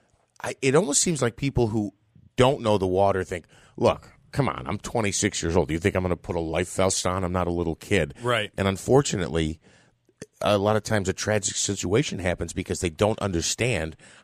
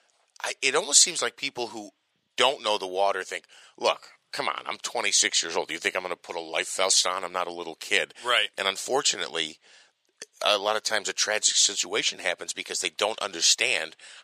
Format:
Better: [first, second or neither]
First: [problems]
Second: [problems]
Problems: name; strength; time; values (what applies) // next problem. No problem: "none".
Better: first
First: none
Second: thin; very; fading below 650 Hz